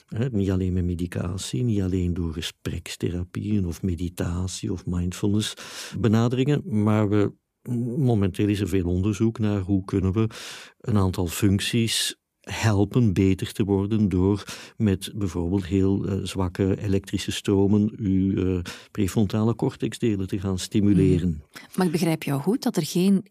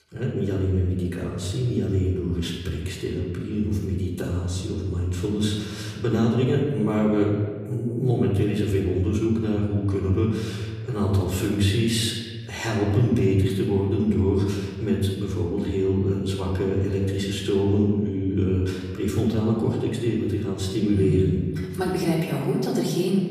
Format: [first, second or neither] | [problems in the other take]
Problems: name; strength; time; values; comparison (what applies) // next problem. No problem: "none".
first | off-mic speech; far // room echo; noticeable; dies away in 1.6 s